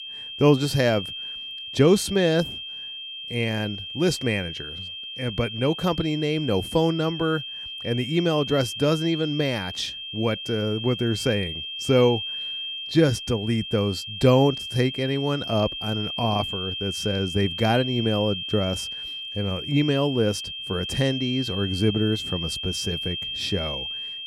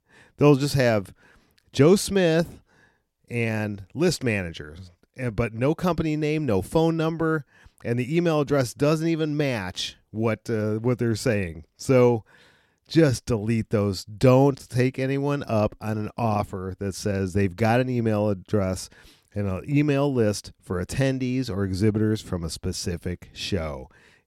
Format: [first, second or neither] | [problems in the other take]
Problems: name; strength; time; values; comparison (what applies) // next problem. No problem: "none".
second | high-pitched whine; loud; throughout; 3 kHz, 6 dB below the speech